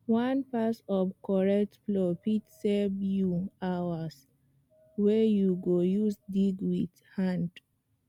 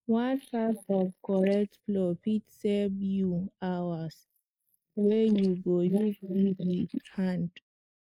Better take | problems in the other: first | noise reduction (neural mask model Resemble Enhance denoiser)

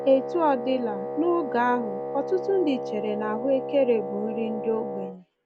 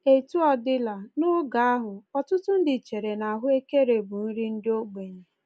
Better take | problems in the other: second | background sound (Wind instrument, woodwind instrument); 6 dB below the speech

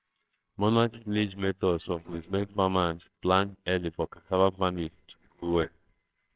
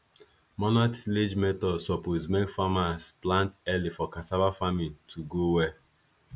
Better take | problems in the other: second | noise reduction (neural separator model SepFormer WHAMR!)

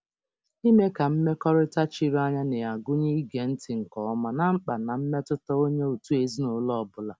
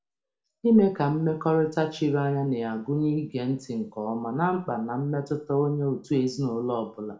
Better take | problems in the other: first | room echo; dies away in 0.4 s

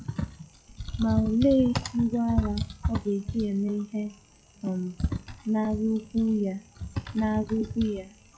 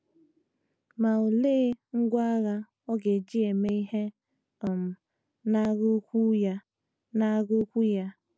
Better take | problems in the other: second | noise reduction (classical method WPE with log-MMSE)

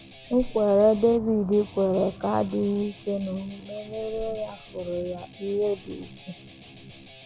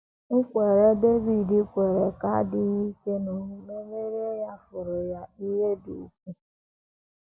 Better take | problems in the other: second | background sound (Liquid + Guitar); 18 dB below the speech

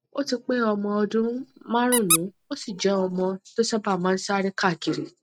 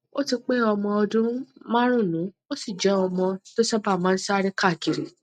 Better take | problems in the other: second | background sound (Squeak); 5 dB below the speech

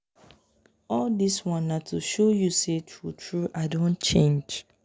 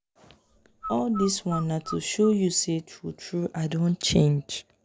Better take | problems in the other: first | background sound (Bird); 12 dB below the speech

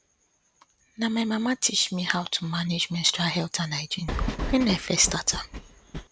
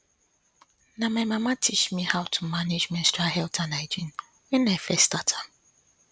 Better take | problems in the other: second | background sound (Train); 5 dB below the speech

